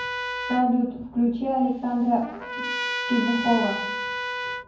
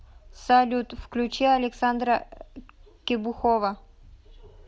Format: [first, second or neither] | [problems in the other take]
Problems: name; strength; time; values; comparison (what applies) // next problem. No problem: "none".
second | background sound (Trumpet); 6 dB below the speech // room echo; dies away in 0.9 s